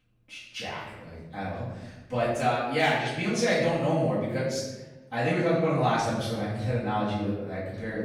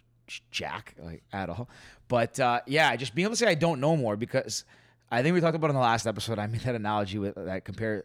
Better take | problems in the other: second | room echo; noticeable; dies away in 1 s // off-mic speech; far

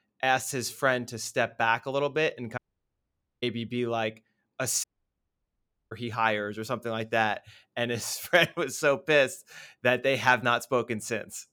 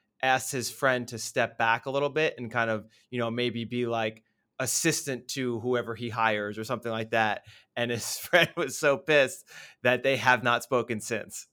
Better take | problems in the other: second | audio cutting out; at 2.5 s for 1 s and at 5 s for 1 s

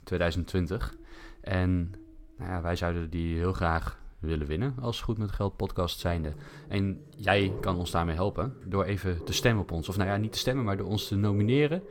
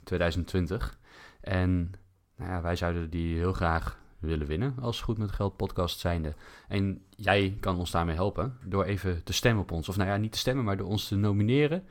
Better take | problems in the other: second | animal sounds; noticeable; throughout; 15 dB below the speech

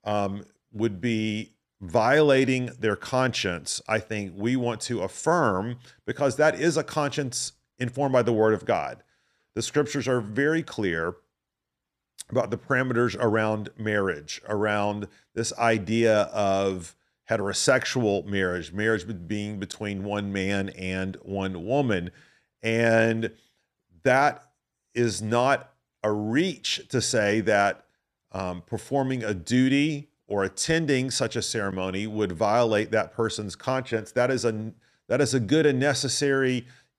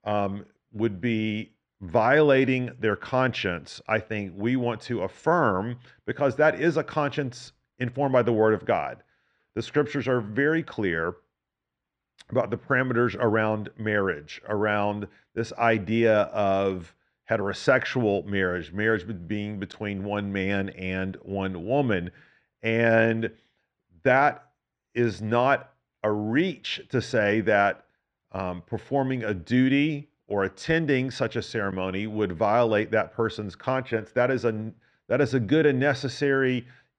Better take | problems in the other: first | muffled; slightly; fading above 2.5 kHz

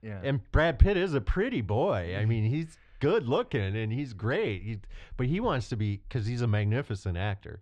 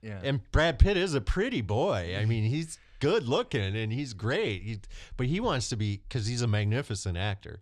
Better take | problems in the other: second | muffled; slightly; fading above 4 kHz

